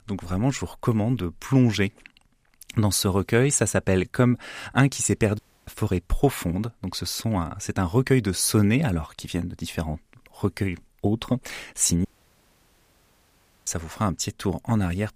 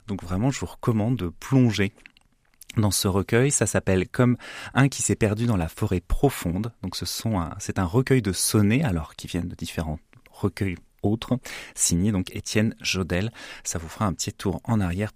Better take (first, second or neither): second